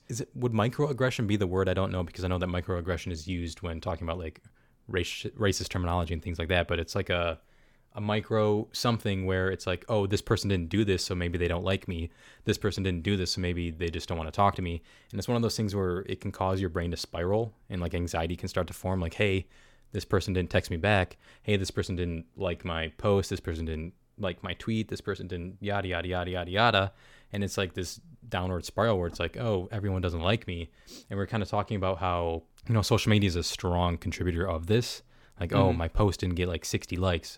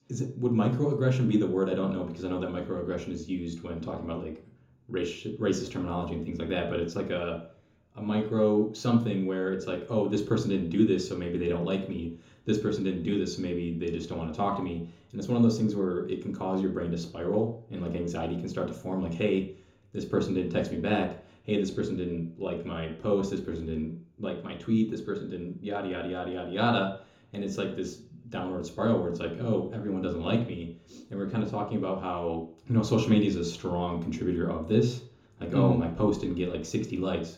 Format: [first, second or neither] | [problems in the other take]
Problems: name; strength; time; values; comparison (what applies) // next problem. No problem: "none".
first | room echo; slight; dies away in 0.5 s // off-mic speech; far